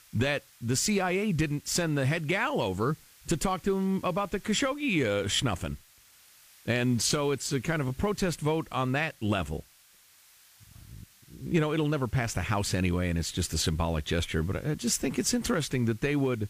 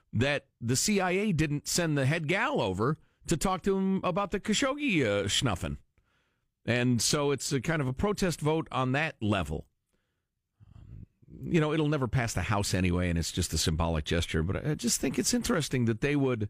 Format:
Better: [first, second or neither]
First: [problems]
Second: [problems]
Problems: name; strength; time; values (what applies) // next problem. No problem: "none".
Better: second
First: hiss; faint; throughout; 25 dB below the speech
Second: none